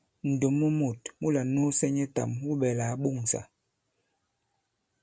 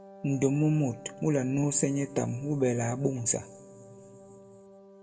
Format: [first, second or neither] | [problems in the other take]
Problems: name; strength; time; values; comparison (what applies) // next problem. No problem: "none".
first | background sound (Wind instrument, woodwind instrument); 19 dB below the speech // room echo; dies away in 1.5 s